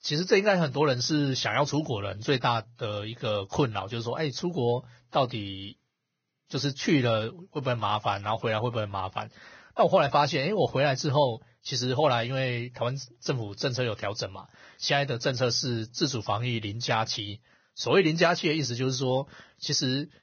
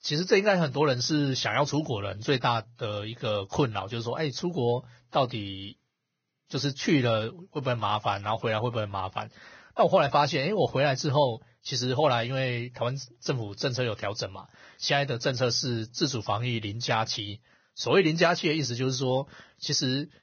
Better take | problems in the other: neither | garbled, watery; badly; nothing above 6.5 kHz; the same in both

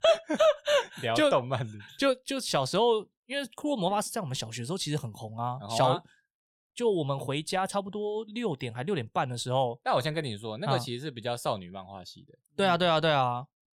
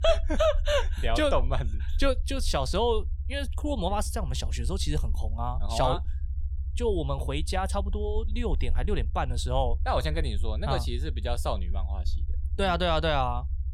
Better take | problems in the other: first | low rumble; faint; throughout; 25 dB below the speech

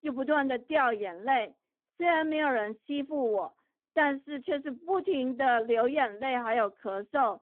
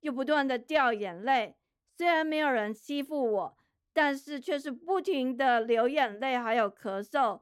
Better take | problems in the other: second | phone-call audio; poor line

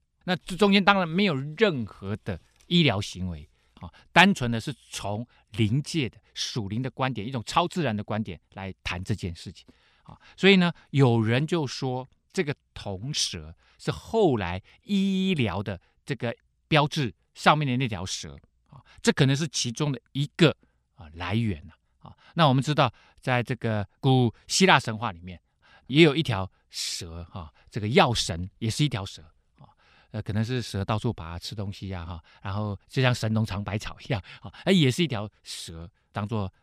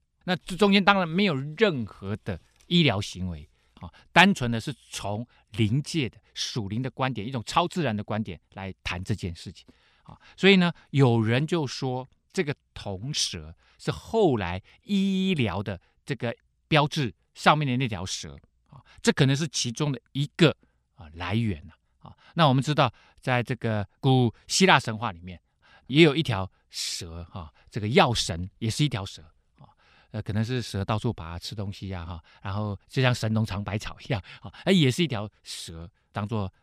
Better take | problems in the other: neither | none

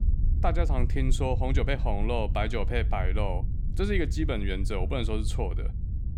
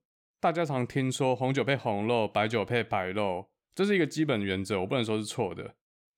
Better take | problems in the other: second | wind noise on the microphone; occasional gusts; 15 dB below the speech

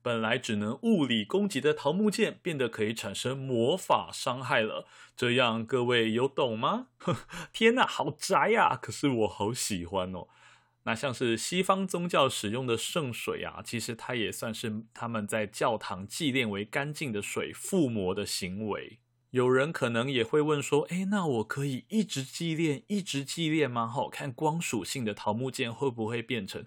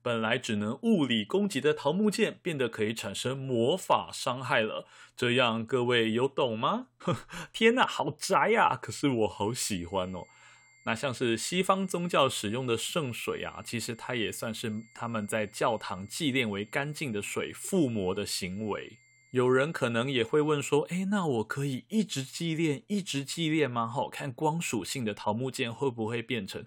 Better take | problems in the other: first | high-pitched whine; faint; from 9.5 to 21 s; 2 kHz, 30 dB below the speech

